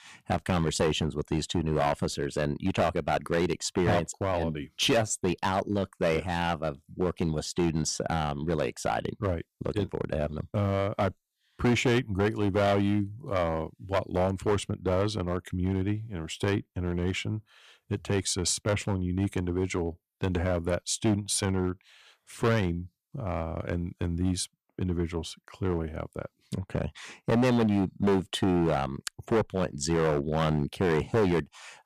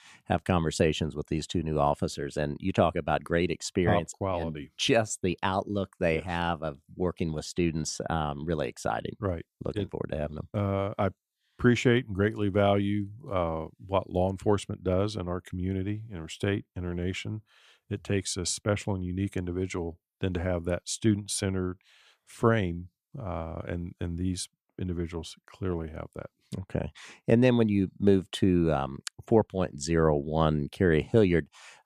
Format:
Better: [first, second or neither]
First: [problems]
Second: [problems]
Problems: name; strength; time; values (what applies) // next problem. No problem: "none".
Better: second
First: distortion; heavy; 7% of the sound clipped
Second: none